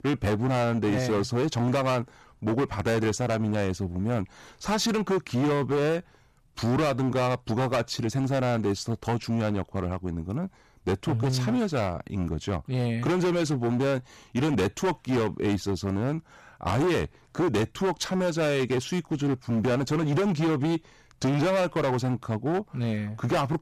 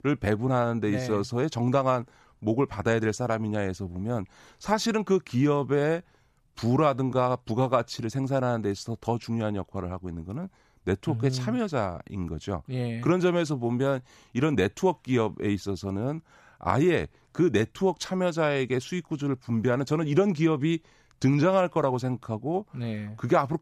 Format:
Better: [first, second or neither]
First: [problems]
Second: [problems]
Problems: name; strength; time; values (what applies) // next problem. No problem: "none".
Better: second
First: distortion; heavy; 19% of the sound clipped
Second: none